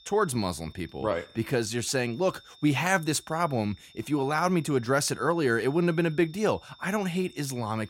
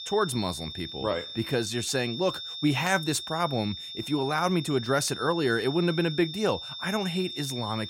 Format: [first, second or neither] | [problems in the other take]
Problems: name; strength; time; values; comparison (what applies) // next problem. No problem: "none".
first | high-pitched whine; loud; throughout; 3.5 kHz, 8 dB below the speech; faint in the first